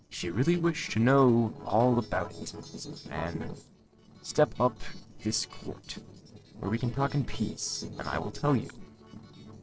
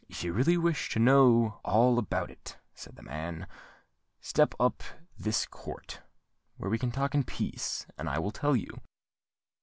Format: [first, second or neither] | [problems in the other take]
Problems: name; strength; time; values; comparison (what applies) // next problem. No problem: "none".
second | noise reduction (neural separator model SepFormer DNS4)